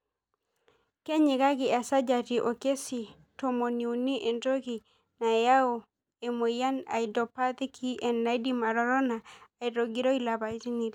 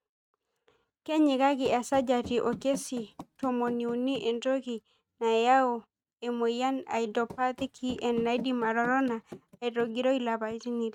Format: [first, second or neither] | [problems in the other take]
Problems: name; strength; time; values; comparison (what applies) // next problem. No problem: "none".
first | noise reduction (neural mask model RNNoise)